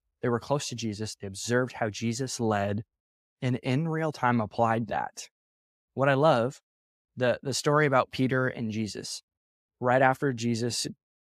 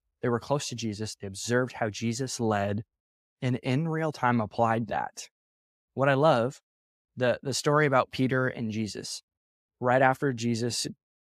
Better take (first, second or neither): neither